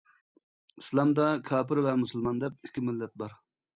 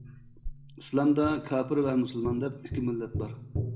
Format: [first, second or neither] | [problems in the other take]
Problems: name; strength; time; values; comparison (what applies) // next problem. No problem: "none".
first | background sound (Tap); 8 dB below the speech // room echo; dies away in 1 s